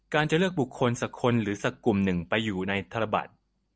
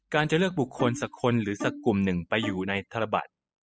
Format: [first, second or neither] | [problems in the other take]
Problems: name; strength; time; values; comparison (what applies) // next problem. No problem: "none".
first | noise reduction (classical method spectral subtraction)